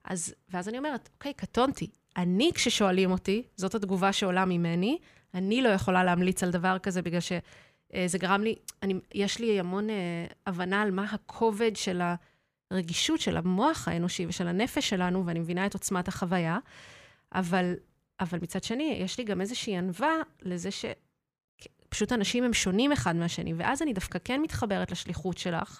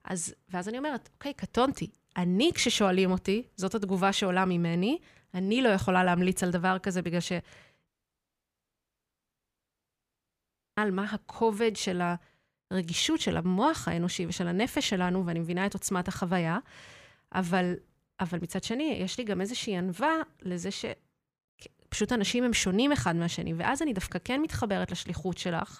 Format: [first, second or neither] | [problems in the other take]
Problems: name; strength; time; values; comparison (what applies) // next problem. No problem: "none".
first | audio cutting out; at 8 s for 3 s